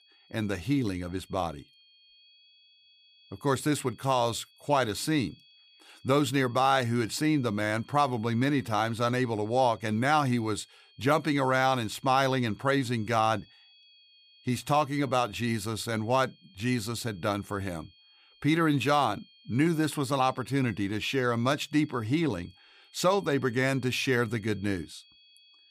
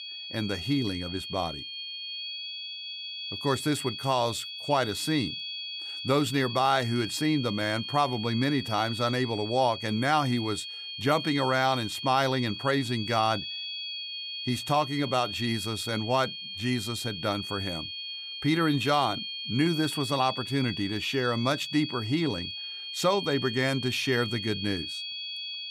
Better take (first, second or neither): first